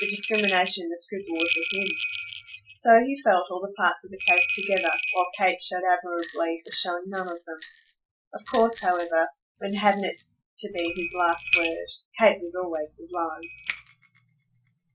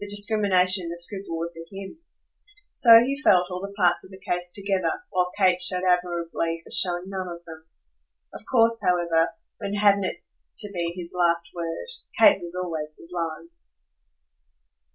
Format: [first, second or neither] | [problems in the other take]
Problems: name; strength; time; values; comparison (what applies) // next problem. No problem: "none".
second | noise reduction (classical method Wiener filter)